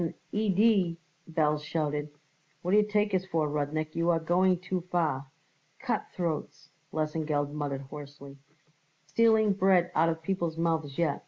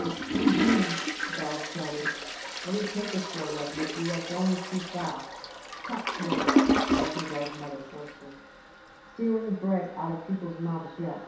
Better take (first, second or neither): first